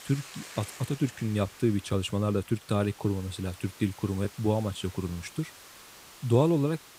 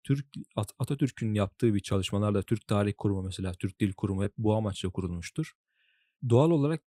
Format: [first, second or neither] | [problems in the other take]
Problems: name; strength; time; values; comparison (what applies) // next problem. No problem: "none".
second | hiss; noticeable; throughout; 15 dB below the speech